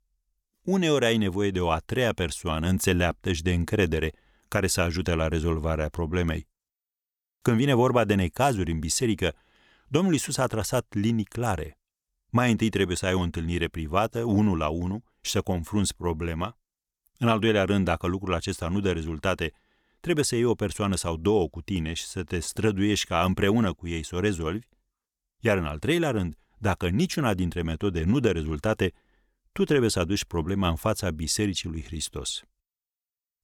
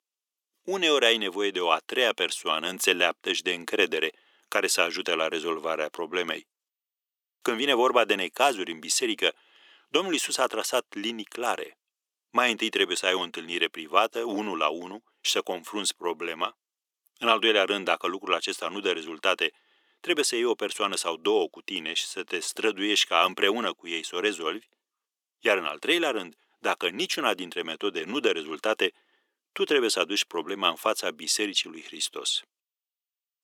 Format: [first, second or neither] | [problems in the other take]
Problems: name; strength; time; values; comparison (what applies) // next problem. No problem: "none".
first | thin; very; fading below 350 Hz